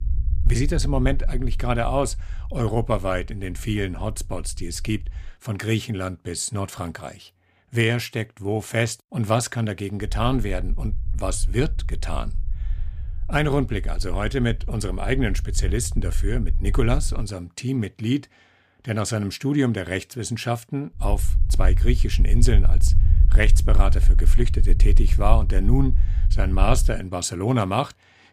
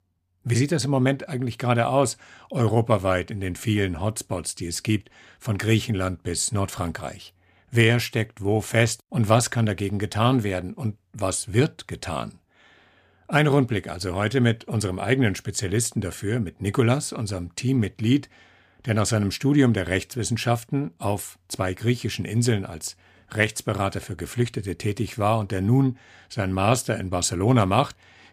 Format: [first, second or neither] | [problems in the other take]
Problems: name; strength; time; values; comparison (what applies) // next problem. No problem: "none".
second | low rumble; noticeable; until 5.5 s, from 10 to 17 s and from 21 to 27 s; 15 dB below the speech